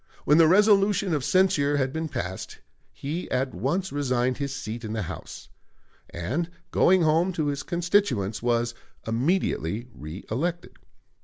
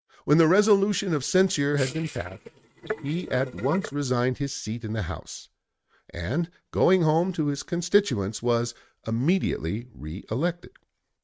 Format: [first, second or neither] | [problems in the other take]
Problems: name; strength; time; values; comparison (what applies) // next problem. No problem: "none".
first | noise reduction (neural mask model RNNoise)